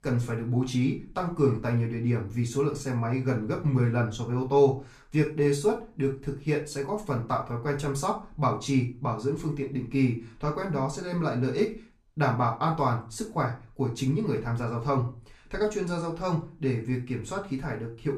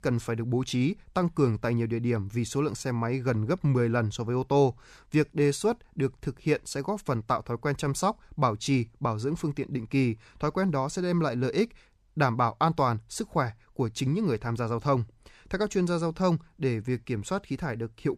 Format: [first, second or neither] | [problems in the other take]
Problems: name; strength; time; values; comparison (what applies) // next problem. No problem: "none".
second | off-mic speech; far // room echo; slight; dies away in 0.3 s